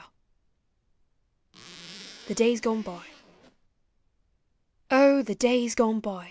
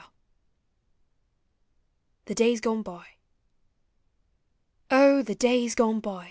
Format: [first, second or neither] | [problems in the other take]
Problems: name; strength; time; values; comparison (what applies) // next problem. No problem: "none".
second | background sound (Zipper (clothing)); 20 dB below the speech